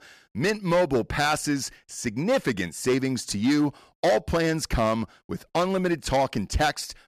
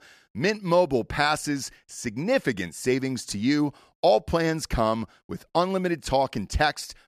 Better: second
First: distortion; slight; 7% of the sound clipped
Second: none

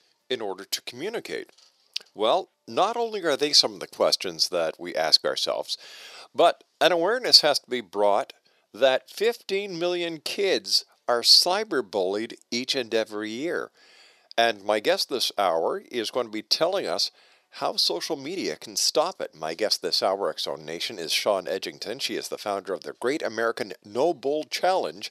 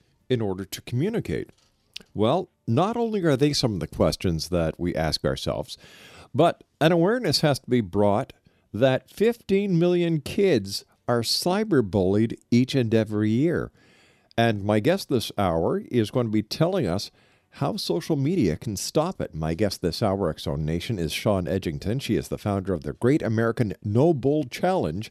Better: second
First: thin; very; fading below 600 Hz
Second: none

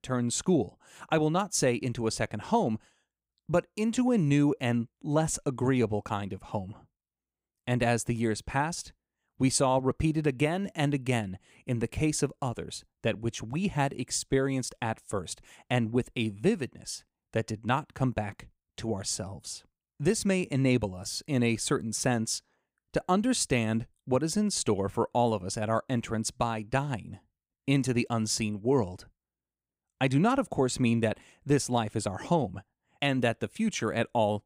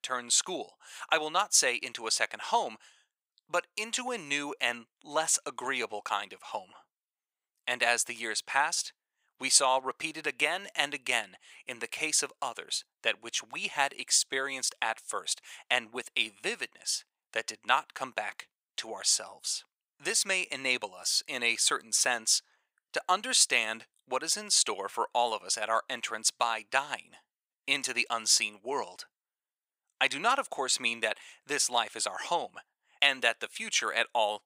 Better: first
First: none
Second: thin; very; fading below 1 kHz

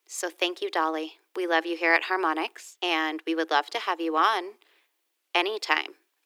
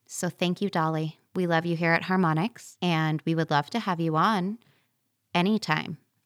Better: second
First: thin; very; fading below 300 Hz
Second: none

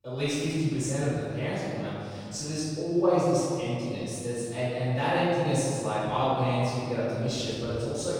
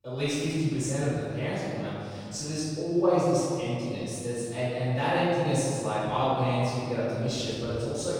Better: neither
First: off-mic speech; far // room echo; strong; dies away in 2.5 s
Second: off-mic speech; far // room echo; strong; dies away in 2.5 s

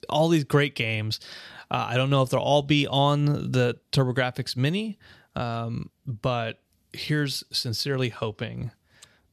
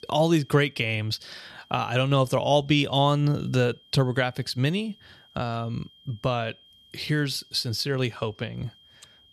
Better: first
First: none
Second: high-pitched whine; faint; throughout; 3 kHz, 30 dB below the speech

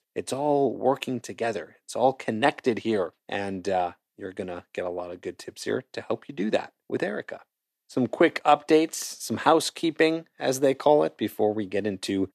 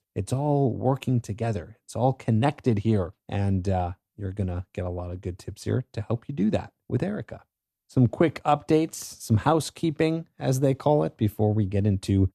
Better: second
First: thin; somewhat; fading below 400 Hz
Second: none

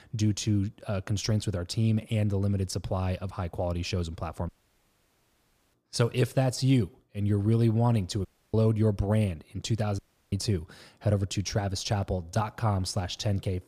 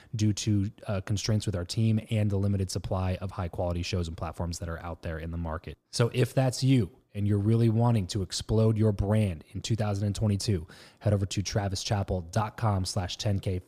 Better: second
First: audio cutting out; at 4.5 s for 1.5 s, at 8.5 s and at 10 s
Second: none

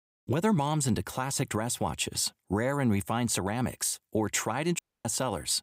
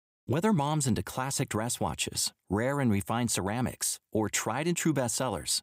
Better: second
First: audio cutting out; at 5 s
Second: none

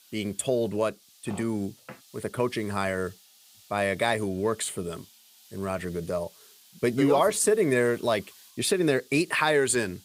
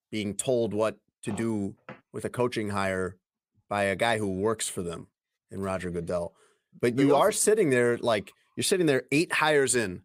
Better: second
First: hiss; faint; throughout; 25 dB below the speech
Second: none

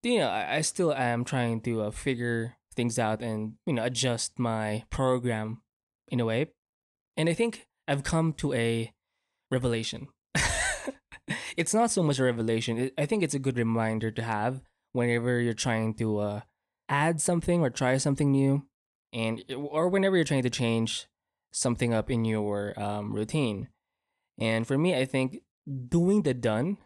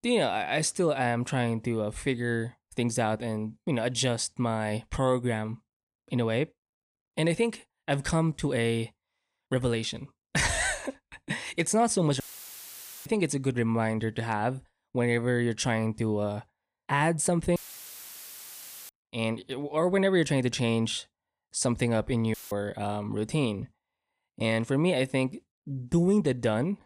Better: first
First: none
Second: audio cutting out; filled with static; at 12 s for 1 s, at 18 s for 1.5 s and at 22 s

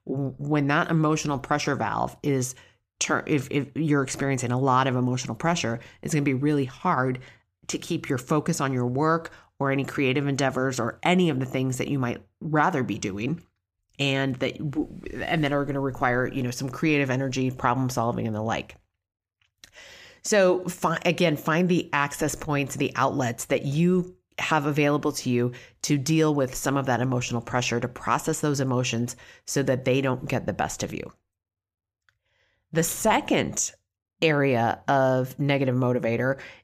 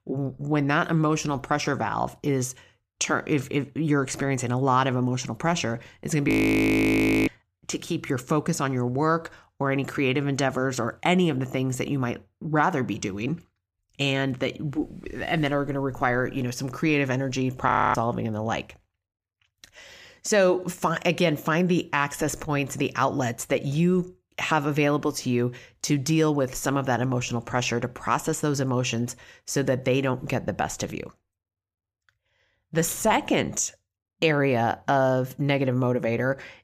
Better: first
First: none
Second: audio freezing; at 6.5 s for 1 s and at 18 s

